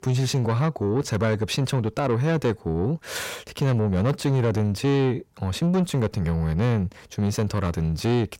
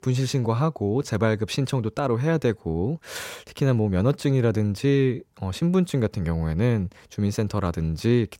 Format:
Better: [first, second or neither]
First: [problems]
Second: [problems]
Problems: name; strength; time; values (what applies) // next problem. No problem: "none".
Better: second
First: distortion; slight; 10 dB below the speech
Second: none